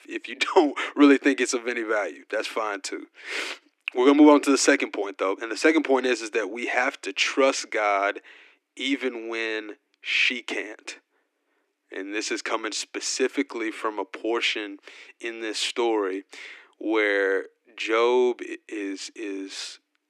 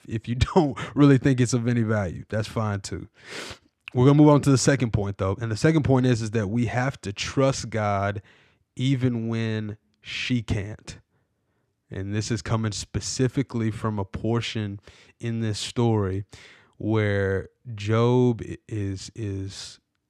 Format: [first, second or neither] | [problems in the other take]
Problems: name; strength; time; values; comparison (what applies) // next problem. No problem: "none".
second | thin; somewhat; fading below 300 Hz